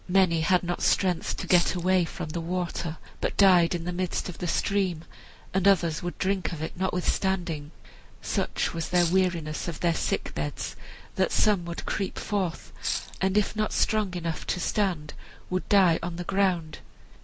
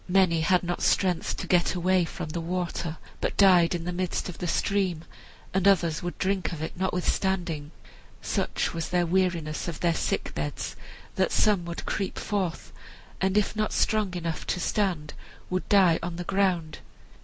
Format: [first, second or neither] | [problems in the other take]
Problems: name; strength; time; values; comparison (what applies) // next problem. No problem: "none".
second | background sound (Rattle (instrument)); 8 dB below the speech